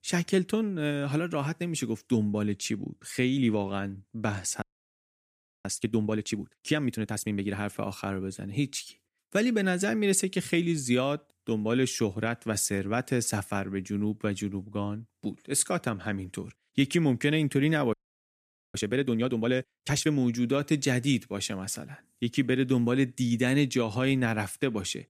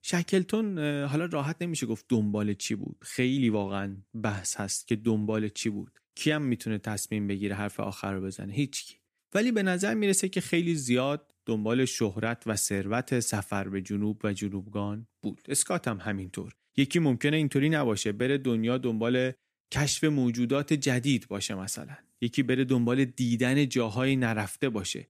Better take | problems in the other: second | audio freezing; at 4.5 s for 1 s and at 18 s for 1 s

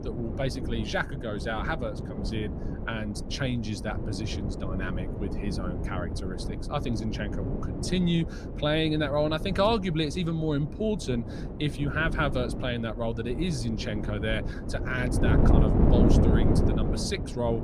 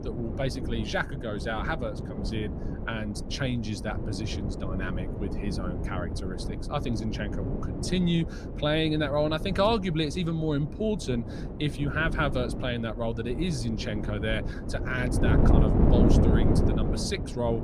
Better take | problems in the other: neither | wind noise on the microphone; heavy; 5 dB below the speech; the same in both

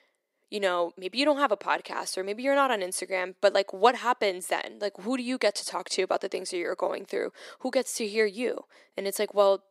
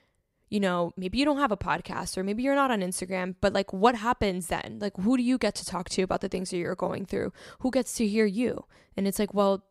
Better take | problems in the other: second | thin; somewhat; fading below 300 Hz

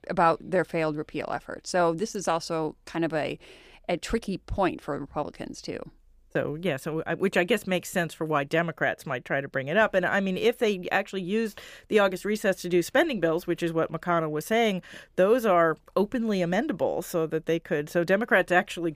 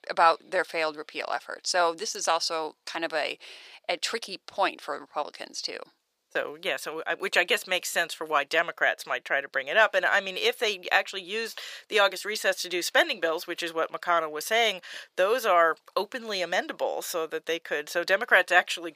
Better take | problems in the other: first | thin; very; fading below 650 Hz

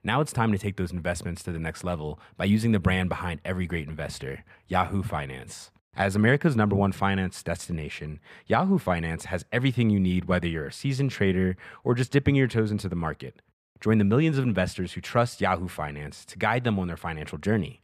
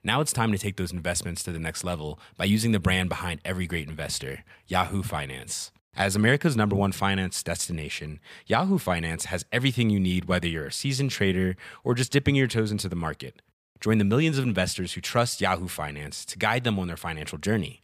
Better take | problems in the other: second | muffled; slightly; fading above 2.5 kHz

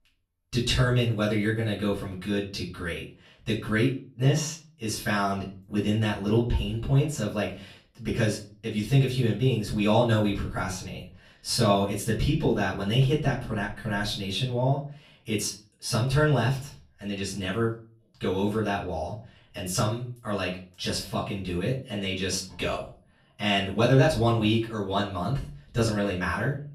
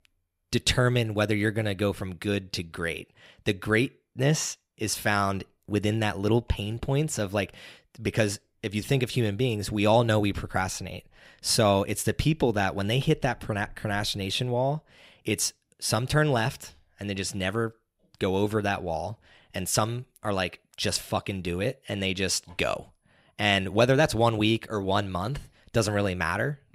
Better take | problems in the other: second | off-mic speech; far // room echo; slight; dies away in 0.3 s

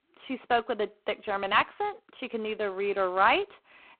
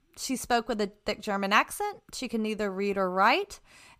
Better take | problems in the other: second | phone-call audio; poor line

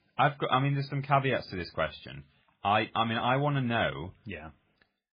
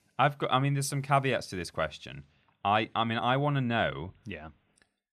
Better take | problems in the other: second | garbled, watery; badly; nothing above 5 kHz

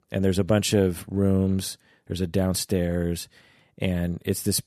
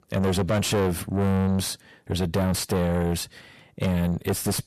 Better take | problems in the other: first | distortion; heavy; 6 dB below the speech

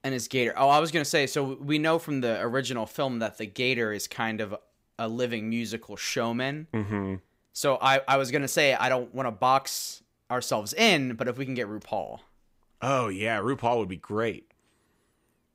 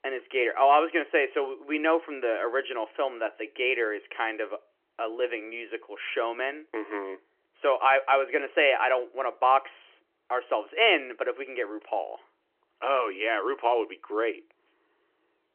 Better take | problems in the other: first | phone-call audio; nothing above 3 kHz

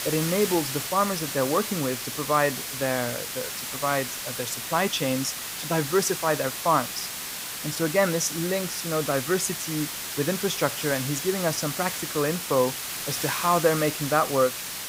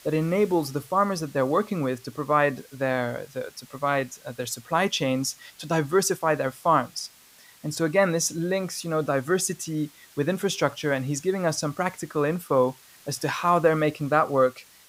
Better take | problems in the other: second | hiss; loud; throughout; 4 dB below the speech; faint in the second

